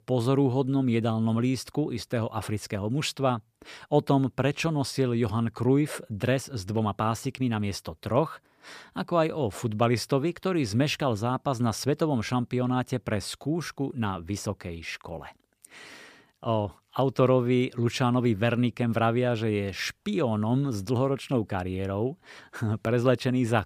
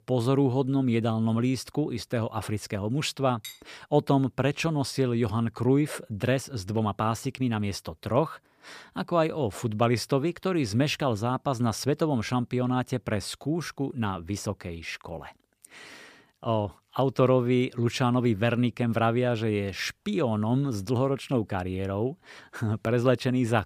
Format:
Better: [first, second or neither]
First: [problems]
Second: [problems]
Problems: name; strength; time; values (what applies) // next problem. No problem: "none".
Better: first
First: none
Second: clattering dishes; faint; at 3.5 s; peak 15 dB below the speech